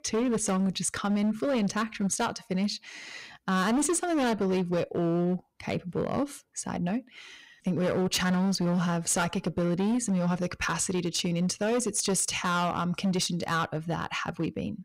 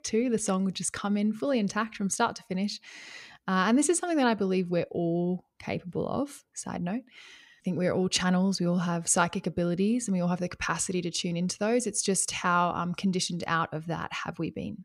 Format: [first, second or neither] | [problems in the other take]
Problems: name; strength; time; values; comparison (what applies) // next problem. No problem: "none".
second | distortion; slight; 14% of the sound clipped